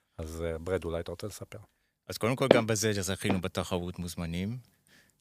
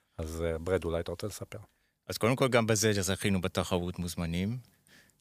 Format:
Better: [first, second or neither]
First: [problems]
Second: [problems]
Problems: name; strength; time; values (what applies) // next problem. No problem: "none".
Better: second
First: footsteps; loud; at 2.5 s; peak 6 dB above the speech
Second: none